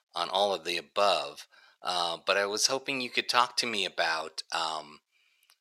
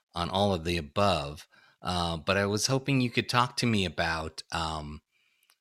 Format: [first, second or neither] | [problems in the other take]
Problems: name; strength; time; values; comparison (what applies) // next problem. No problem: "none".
second | thin; very; fading below 550 Hz